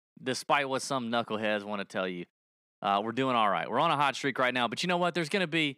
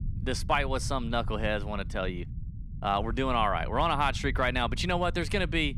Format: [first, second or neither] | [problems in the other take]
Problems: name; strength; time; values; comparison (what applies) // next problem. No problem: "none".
first | low rumble; faint; throughout; 25 dB below the speech